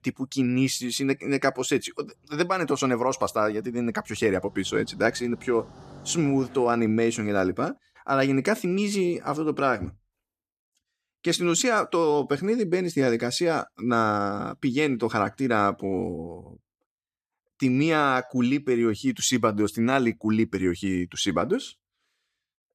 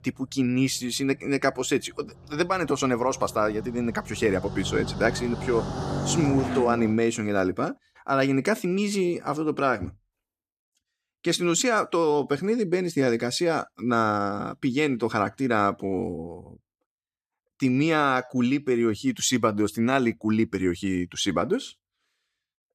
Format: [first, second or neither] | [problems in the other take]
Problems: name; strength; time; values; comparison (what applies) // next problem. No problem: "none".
first | traffic noise; loud; until 7 s; 8 dB below the speech; faint in the first